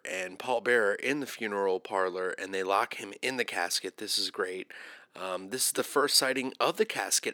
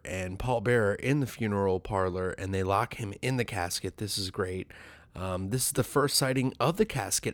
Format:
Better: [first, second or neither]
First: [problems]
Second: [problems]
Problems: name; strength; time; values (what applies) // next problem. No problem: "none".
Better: second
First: thin; somewhat; fading below 300 Hz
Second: none